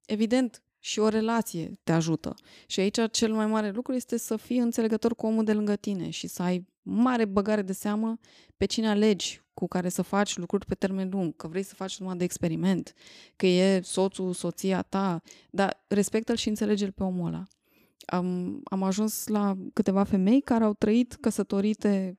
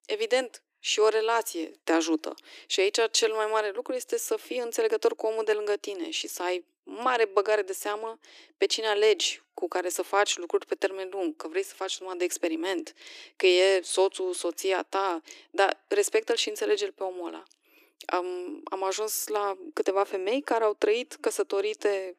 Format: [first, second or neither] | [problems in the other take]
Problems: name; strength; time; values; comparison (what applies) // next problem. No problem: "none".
first | thin; very; fading below 300 Hz